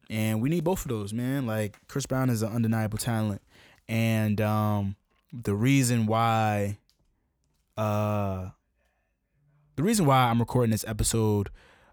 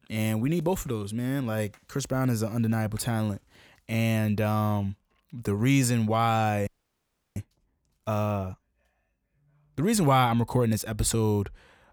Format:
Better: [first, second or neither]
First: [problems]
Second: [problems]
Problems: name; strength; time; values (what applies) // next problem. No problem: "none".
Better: first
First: none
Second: audio freezing; at 6.5 s for 0.5 s